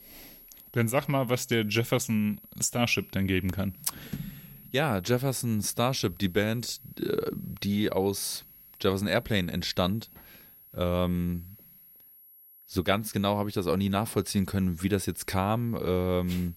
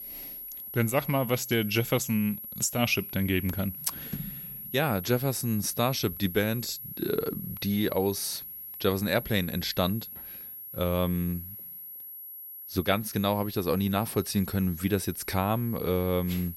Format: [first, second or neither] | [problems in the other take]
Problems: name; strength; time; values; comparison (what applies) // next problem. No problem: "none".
first | high-pitched whine; loud; throughout; 11.5 kHz, 10 dB below the speech; faint in the first